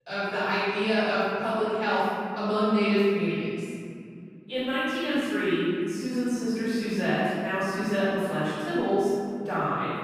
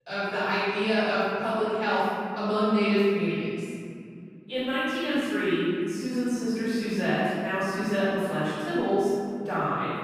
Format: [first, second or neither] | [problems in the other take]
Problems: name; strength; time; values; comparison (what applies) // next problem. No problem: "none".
neither | off-mic speech; far; the same in both // room echo; strong; dies away in 2.4 s; the same in both